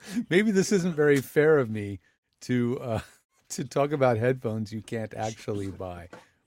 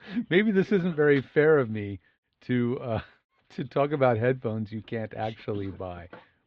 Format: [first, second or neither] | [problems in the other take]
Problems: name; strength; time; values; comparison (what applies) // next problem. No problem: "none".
first | muffled; very; fading above 3.5 kHz